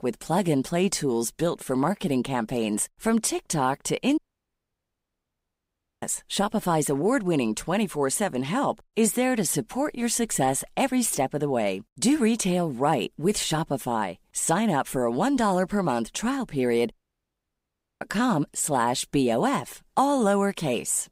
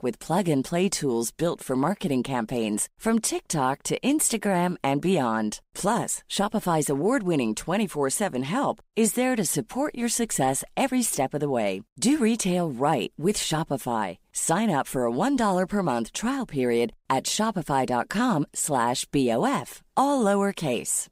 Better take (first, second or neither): second